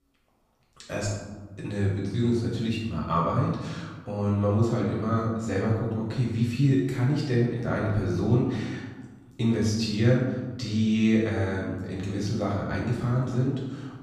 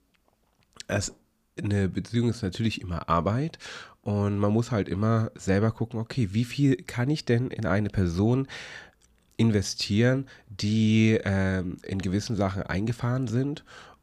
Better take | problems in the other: second | room echo; noticeable; dies away in 1.1 s // off-mic speech; far

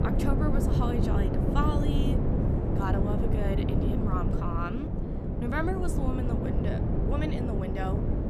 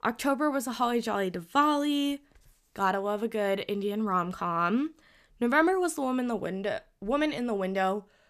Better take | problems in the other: second | wind noise on the microphone; heavy; as loud as the speech

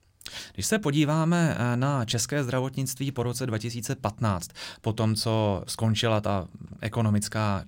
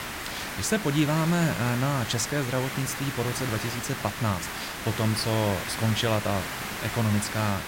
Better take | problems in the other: first | hiss; loud; throughout; 5 dB below the speech

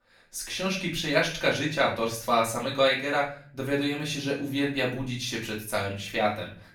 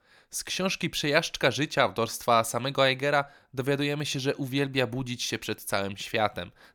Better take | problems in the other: second | room echo; slight; dies away in 0.4 s // off-mic speech; far

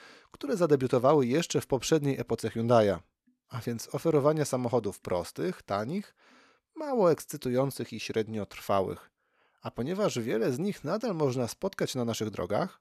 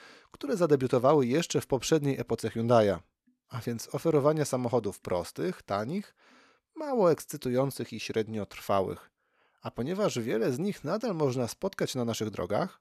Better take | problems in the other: neither | none

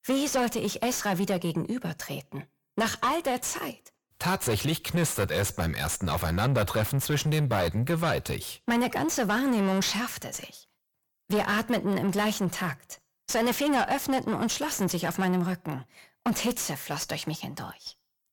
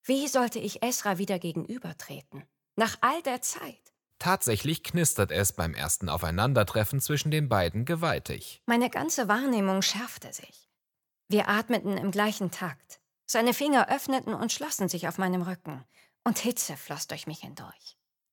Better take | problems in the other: second | distortion; heavy; 7 dB below the speech

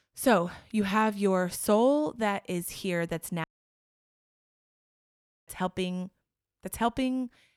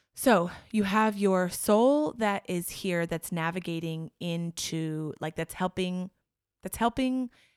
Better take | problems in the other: second | audio cutting out; at 3.5 s for 2 s

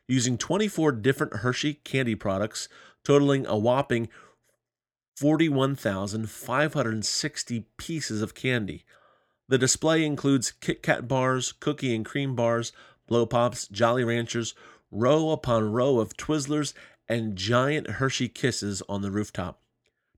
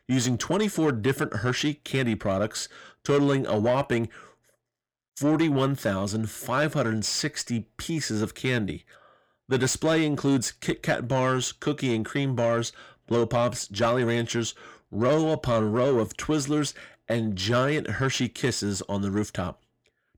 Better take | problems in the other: first | distortion; slight; 10 dB below the speech

